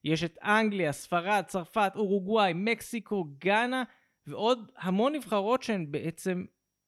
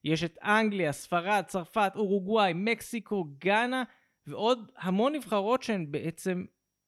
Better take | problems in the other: neither | none

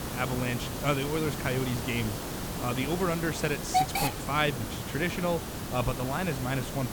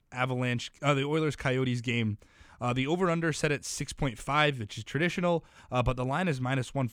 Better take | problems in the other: second | hiss; loud; throughout; 3 dB below the speech

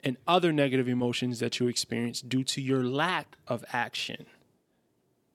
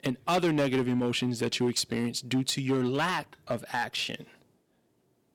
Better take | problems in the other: first | distortion; slight; 6% of the sound clipped

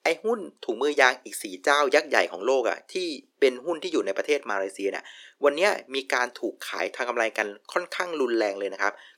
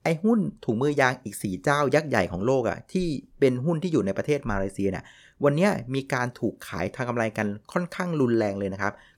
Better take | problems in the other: second | thin; somewhat; fading below 350 Hz

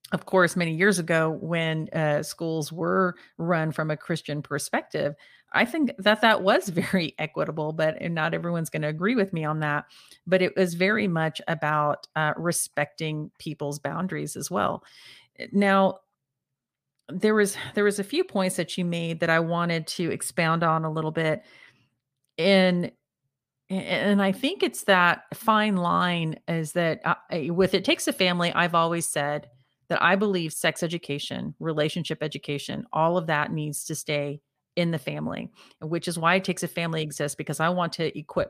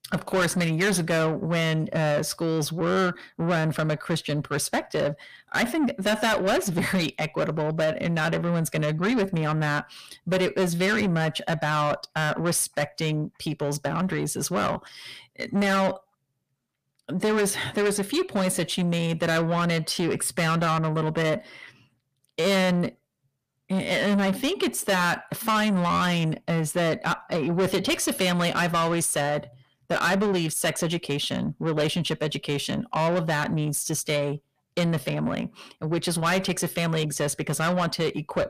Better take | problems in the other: first | distortion; heavy; 7 dB below the speech

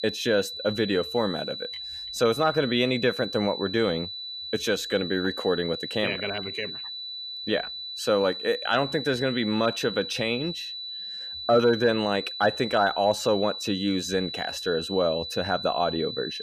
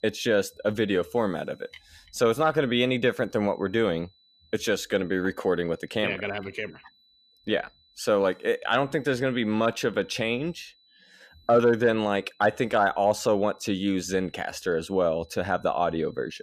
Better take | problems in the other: second | high-pitched whine; loud; throughout; 4 kHz, 7 dB below the speech; faint in the second

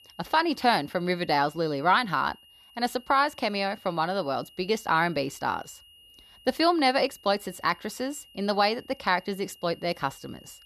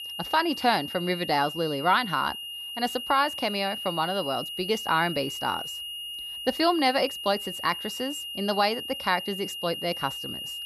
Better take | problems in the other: first | high-pitched whine; loud; throughout; 3 kHz, 7 dB below the speech; faint in the first

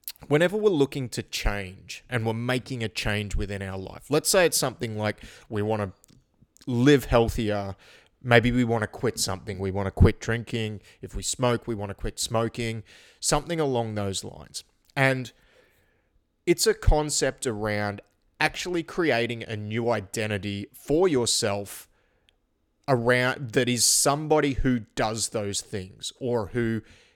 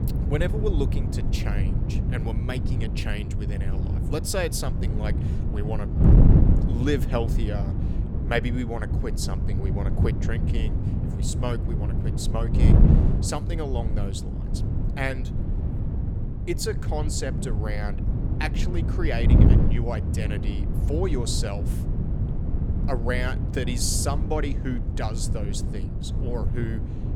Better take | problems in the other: first | wind noise on the microphone; heavy; 4 dB below the speech

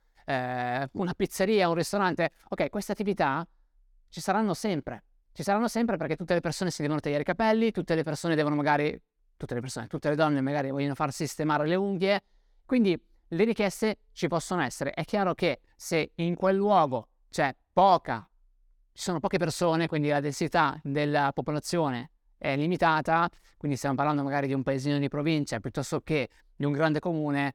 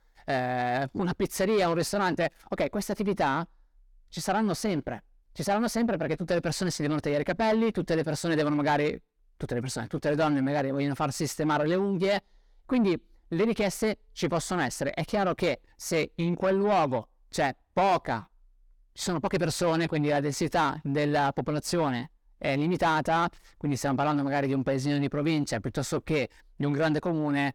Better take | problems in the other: first | distortion; slight; 10 dB below the speech

